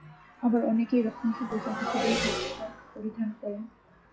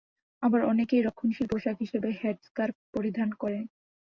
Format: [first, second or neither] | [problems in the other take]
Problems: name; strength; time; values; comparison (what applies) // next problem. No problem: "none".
second | noise reduction (classical method log-MMSE)